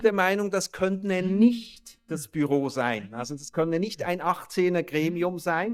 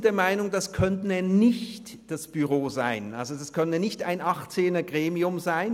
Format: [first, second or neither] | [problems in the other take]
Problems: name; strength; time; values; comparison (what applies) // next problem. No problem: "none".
second | noise reduction (neural mask model DeepFilterNet 3)